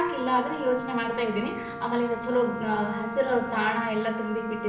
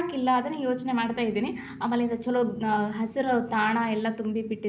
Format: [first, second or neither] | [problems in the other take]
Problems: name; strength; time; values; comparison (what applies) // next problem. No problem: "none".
second | background sound (Wind instrument, woodwind instrument); 9 dB below the speech // room echo; dies away in 1.2 s